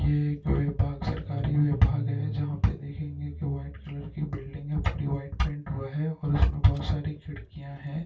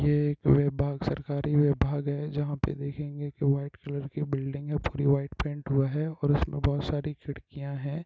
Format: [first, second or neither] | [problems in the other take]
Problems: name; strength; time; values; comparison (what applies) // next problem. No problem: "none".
second | background sound (Engine starting / Car); 12 dB below the speech // room echo; dies away in 0.2 s